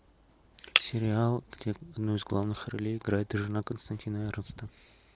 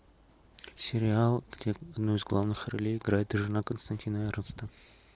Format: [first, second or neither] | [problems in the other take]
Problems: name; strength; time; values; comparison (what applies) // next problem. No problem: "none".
second | background sound (Shatter); 5 dB below the speech